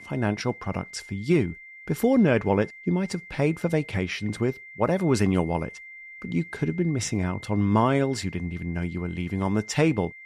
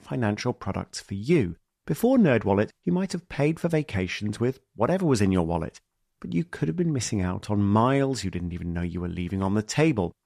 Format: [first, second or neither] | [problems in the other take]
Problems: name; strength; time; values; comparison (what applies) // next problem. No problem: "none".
second | high-pitched whine; noticeable; throughout; 2 kHz, 15 dB below the speech